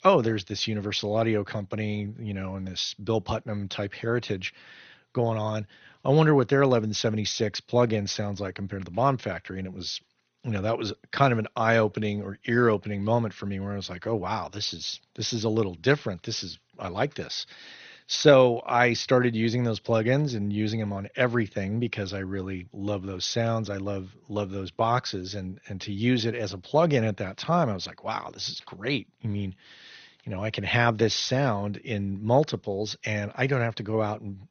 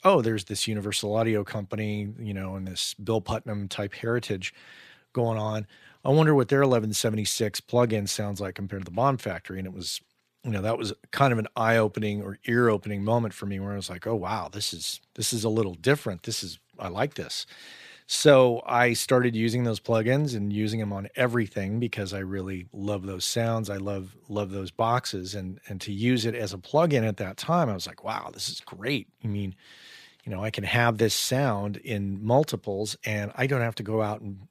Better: second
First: garbled, watery; slightly; nothing above 6.5 kHz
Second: none

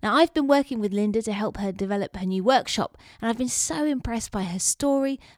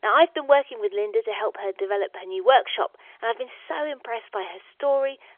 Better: first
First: none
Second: phone-call audio; nothing above 3.5 kHz

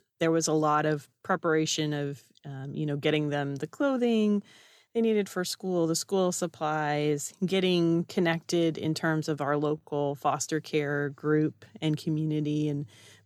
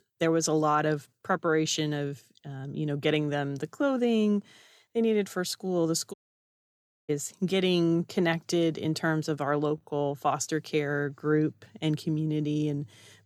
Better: first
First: none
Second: audio cutting out; at 6 s for 1 s

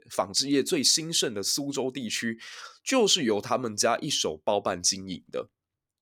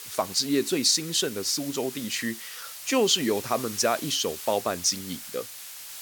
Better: first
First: none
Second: hiss; noticeable; throughout; 10 dB below the speech

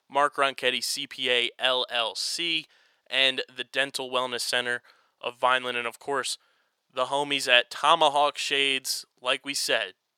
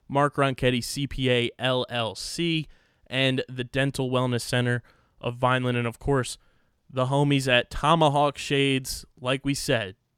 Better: second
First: thin; very; fading below 600 Hz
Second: none

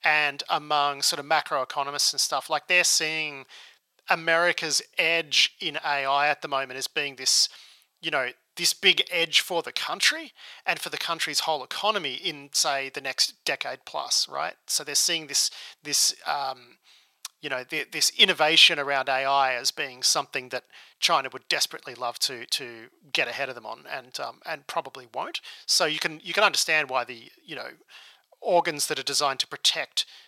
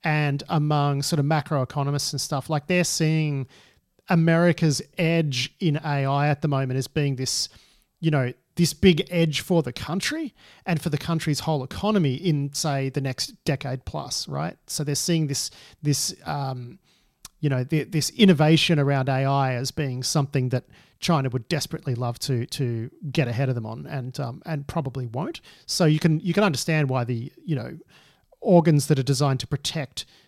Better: second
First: thin; very; fading below 850 Hz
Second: none

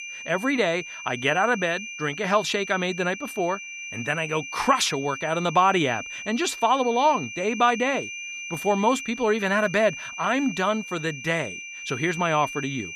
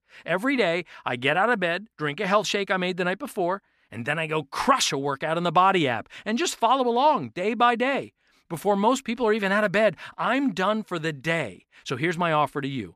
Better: second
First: high-pitched whine; loud; throughout; 2.5 kHz, 10 dB below the speech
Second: none

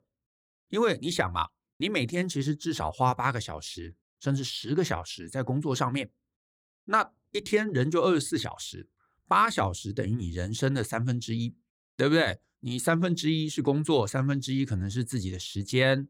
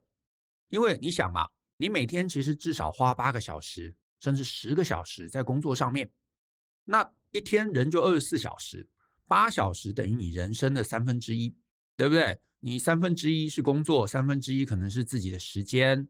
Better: first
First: none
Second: garbled, watery; slightly

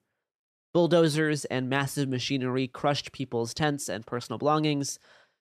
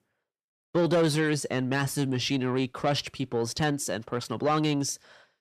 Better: first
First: none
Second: distortion; slight; 10 dB below the speech

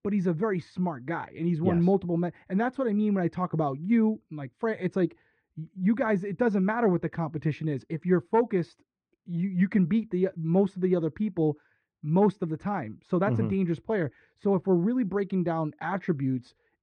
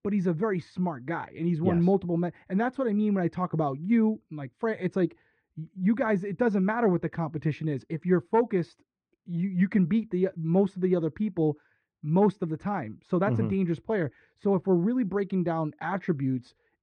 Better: neither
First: muffled; very; fading above 1.5 kHz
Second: muffled; very; fading above 1.5 kHz

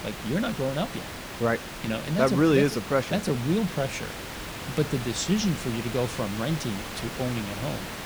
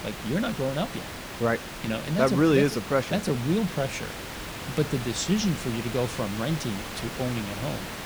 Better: neither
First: hiss; loud; throughout; 8 dB below the speech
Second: hiss; loud; throughout; 8 dB below the speech

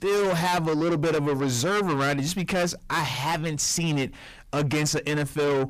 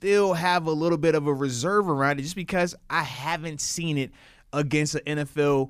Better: second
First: distortion; heavy; 6 dB below the speech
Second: none

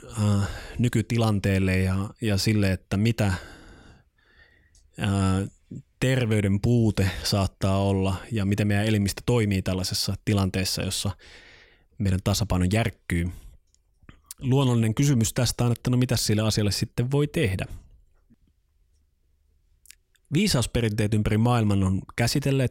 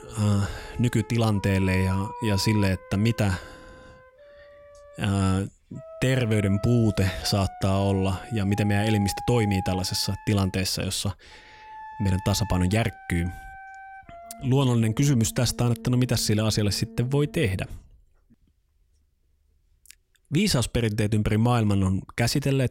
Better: first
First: none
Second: background music; noticeable; until 18 s; 15 dB below the speech

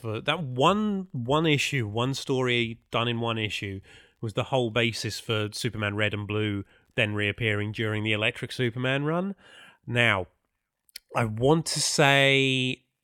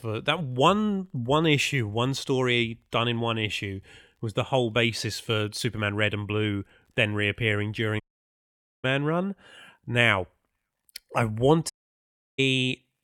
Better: first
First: none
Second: audio cutting out; at 8 s for 1 s and at 12 s for 0.5 s

